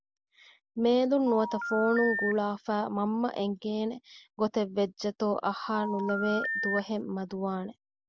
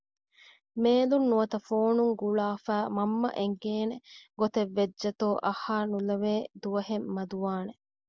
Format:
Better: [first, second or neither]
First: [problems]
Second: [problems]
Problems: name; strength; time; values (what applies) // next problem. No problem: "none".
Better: second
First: background sound (Telephone); 4 dB below the speech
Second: none